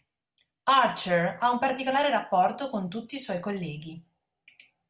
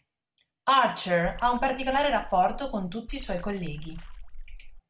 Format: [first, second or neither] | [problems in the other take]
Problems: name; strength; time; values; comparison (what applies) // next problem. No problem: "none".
first | background sound (Water / Splash, splatter); 10 dB below the speech